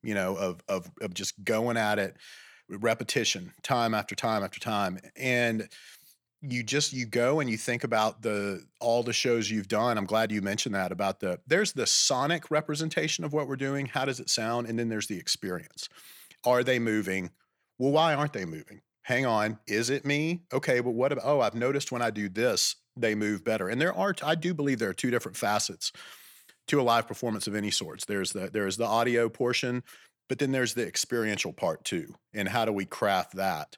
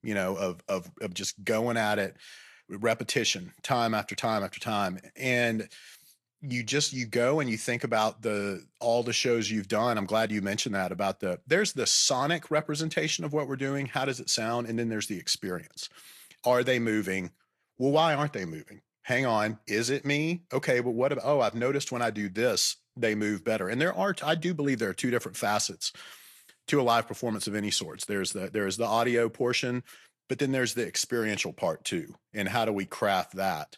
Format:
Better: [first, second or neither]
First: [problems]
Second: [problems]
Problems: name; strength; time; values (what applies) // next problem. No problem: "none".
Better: first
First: none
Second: garbled, watery; slightly; nothing above 12.5 kHz